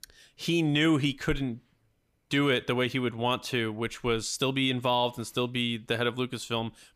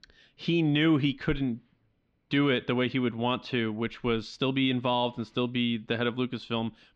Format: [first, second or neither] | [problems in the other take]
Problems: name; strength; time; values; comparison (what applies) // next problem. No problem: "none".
first | muffled; slightly; fading above 4 kHz